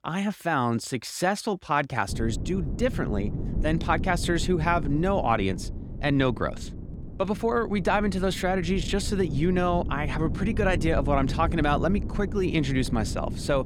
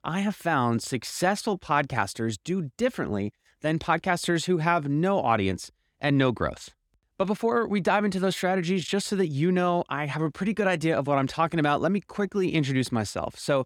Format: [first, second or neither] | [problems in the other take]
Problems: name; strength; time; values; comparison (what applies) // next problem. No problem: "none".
second | wind noise on the microphone; occasional gusts; from 2 s on; 15 dB below the speech